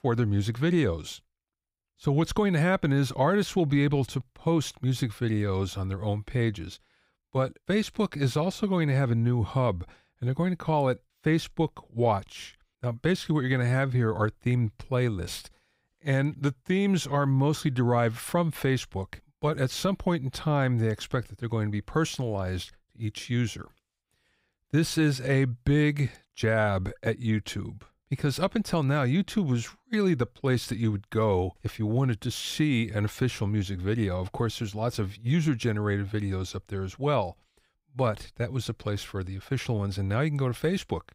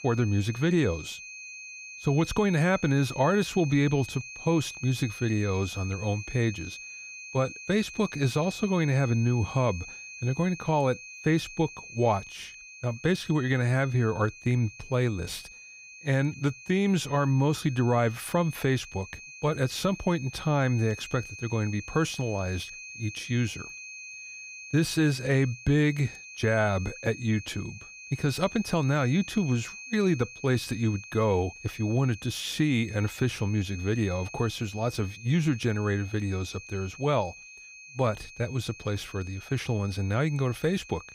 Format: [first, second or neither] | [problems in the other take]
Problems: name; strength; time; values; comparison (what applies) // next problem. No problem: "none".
first | high-pitched whine; noticeable; throughout; 2.5 kHz, 15 dB below the speech